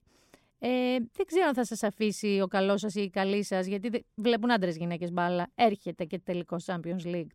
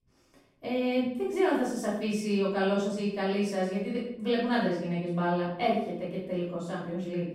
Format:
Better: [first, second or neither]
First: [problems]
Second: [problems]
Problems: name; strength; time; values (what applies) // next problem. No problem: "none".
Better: first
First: none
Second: off-mic speech; far // room echo; noticeable; dies away in 0.6 s